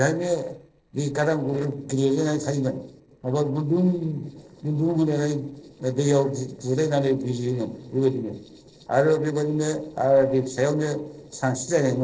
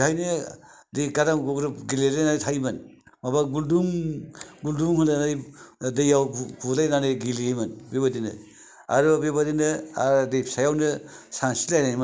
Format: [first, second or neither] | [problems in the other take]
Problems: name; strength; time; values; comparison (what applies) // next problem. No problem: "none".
second | noise reduction (neural separator model SepFormer DNS4)